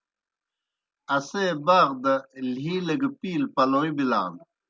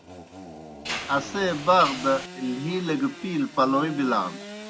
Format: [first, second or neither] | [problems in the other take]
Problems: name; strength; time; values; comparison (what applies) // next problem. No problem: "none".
first | background sound (Mechanisms + Sawing / Engine); 12 dB below the speech